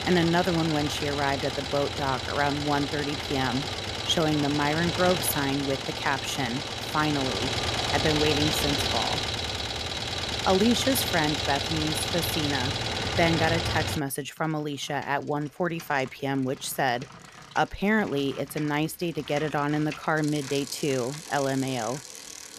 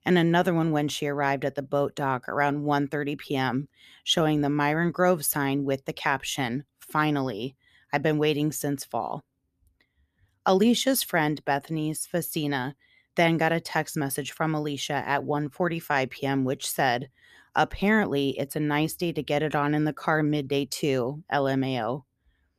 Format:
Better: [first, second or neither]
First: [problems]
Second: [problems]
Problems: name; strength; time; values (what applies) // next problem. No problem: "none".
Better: second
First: traffic noise; loud; throughout; 2 dB below the speech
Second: none